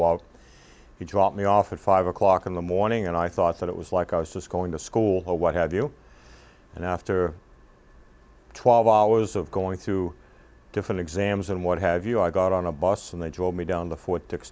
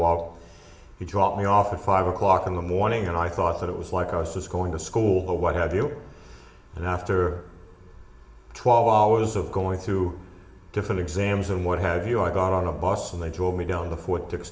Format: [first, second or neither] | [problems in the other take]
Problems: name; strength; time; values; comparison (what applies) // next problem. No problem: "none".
first | room echo; dies away in 1 s